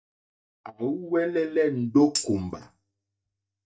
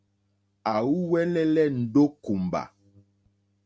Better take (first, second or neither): second